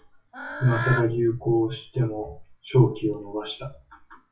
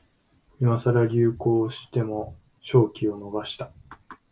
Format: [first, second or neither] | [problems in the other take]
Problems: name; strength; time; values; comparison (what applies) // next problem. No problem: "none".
second | noise reduction (classical method WPE with log-MMSE)